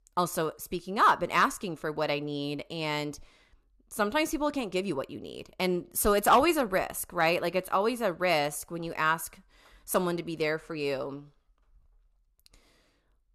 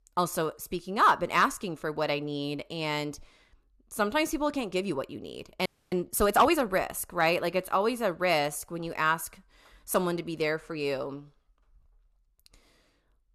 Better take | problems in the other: first | audio freezing; at 5.5 s

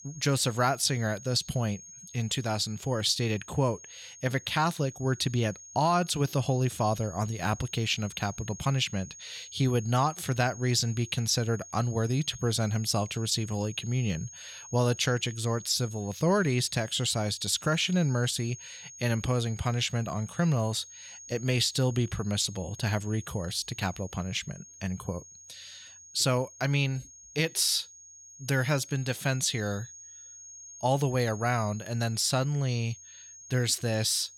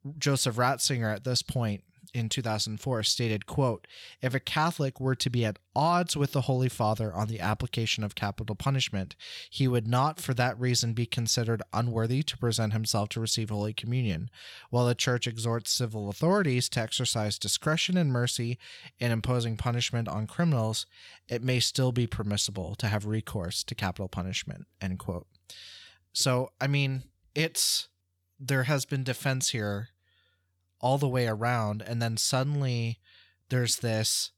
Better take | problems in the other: second | high-pitched whine; noticeable; throughout; 6.5 kHz, 15 dB below the speech

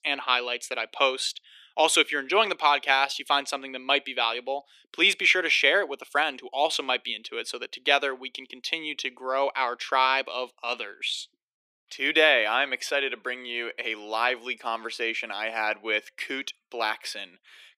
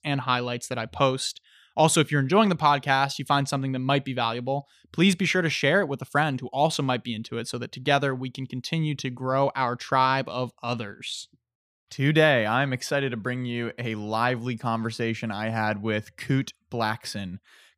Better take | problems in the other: second | thin; very; fading below 350 Hz

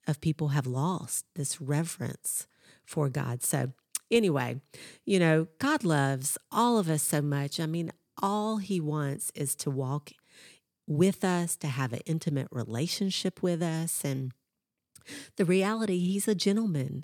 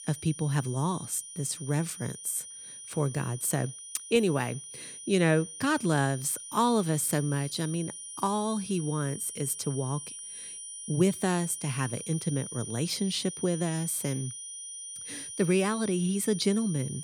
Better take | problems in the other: first | high-pitched whine; loud; throughout; 9.5 kHz, 10 dB below the speech

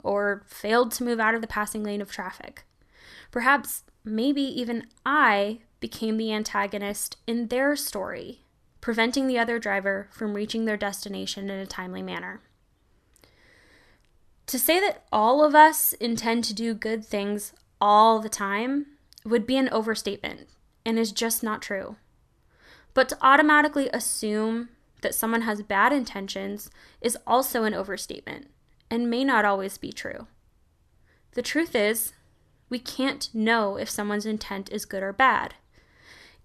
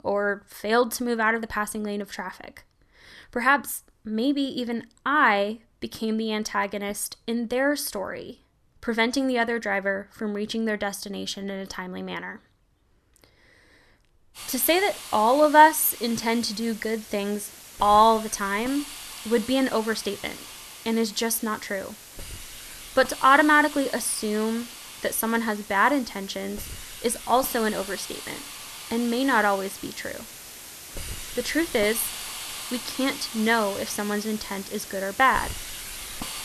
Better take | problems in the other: first | hiss; noticeable; from 14 s on; 10 dB below the speech

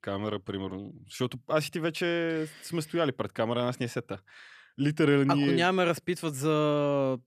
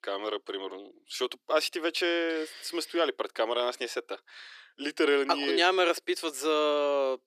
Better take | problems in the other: first | thin; somewhat; fading below 350 Hz

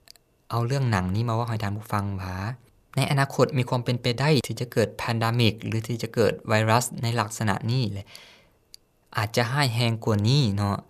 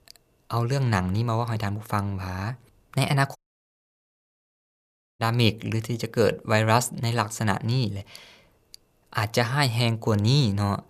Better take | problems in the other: first | audio cutting out; at 3.5 s for 2 s

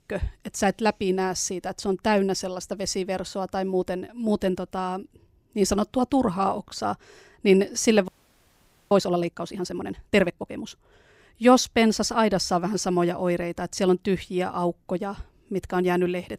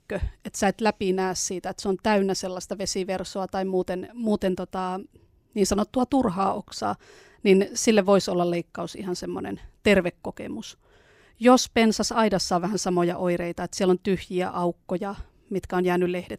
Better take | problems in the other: second | audio freezing; at 8 s for 1 s

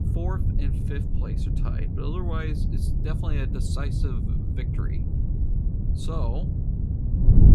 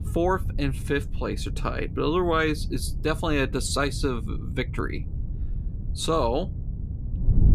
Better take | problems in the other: second | wind noise on the microphone; heavy; 1 dB below the speech; occasional gusts in the second

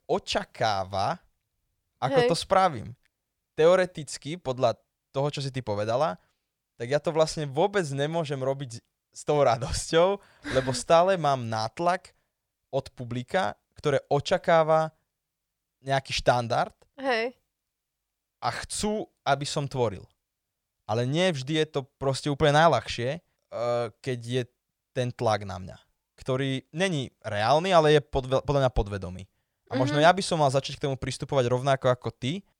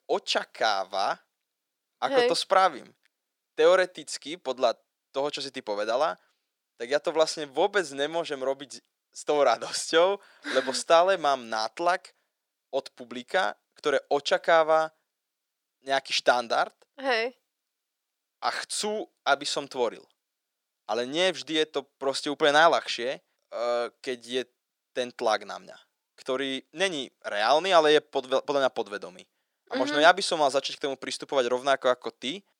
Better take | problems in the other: first | thin; somewhat; fading below 250 Hz

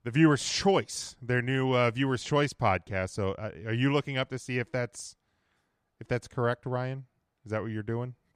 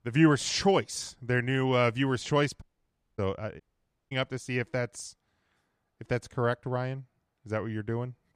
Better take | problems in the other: first | audio cutting out; at 2.5 s for 0.5 s and at 3.5 s for 0.5 s

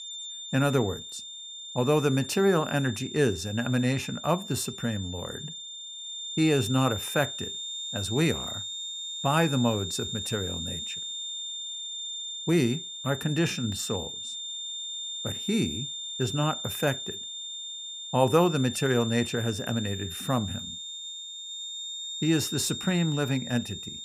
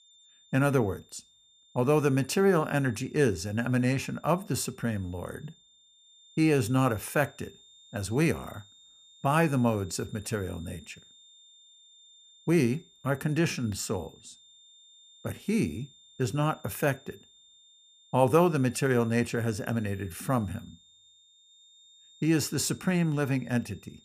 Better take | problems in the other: second | high-pitched whine; loud; throughout; 3.5 kHz, 7 dB below the speech; faint in the second

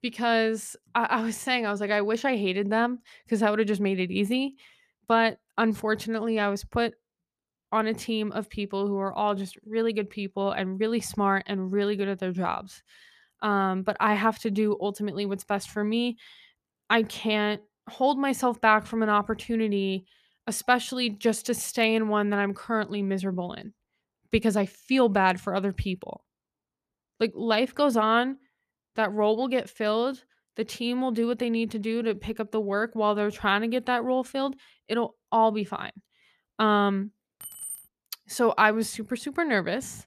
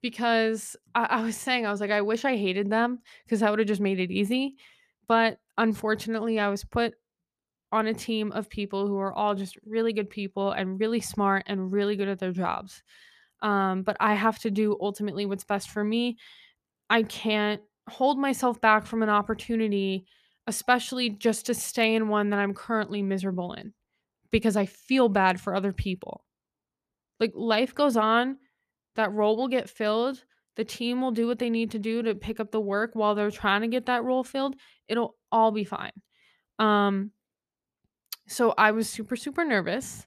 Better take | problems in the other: second | jangling keys; noticeable; at 37 s; peak 9 dB below the speech

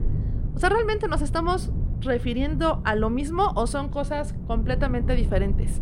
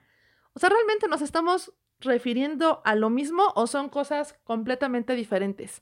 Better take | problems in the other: second | low rumble; noticeable; throughout; 15 dB below the speech

